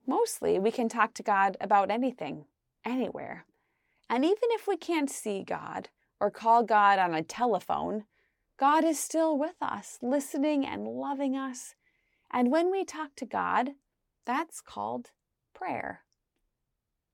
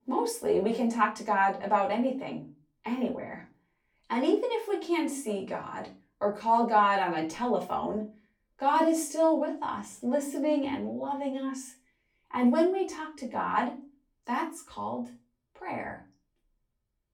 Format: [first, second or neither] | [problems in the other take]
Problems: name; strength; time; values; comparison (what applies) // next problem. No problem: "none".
first | off-mic speech; far // room echo; very slight; dies away in 0.3 s